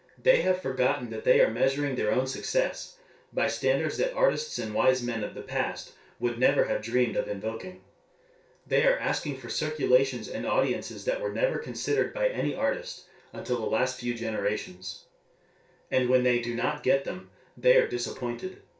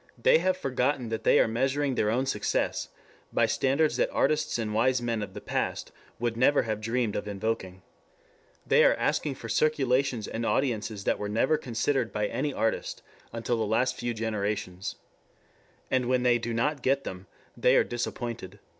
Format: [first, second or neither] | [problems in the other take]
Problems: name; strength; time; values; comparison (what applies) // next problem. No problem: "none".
second | room echo; dies away in 0.3 s